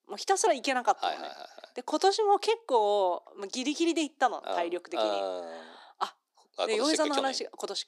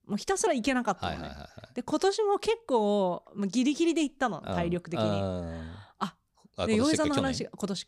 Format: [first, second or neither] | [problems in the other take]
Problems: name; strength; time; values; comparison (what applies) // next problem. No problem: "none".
second | thin; somewhat; fading below 300 Hz